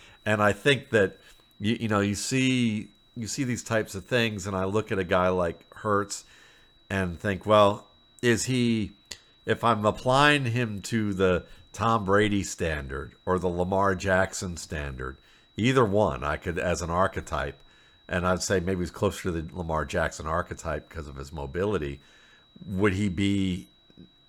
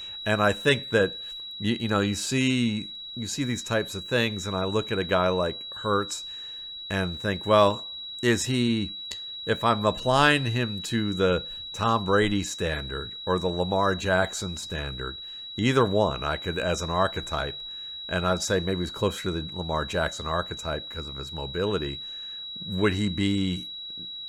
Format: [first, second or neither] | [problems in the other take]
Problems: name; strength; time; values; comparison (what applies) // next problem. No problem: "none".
first | high-pitched whine; loud; throughout; 4 kHz, 9 dB below the speech; faint in the first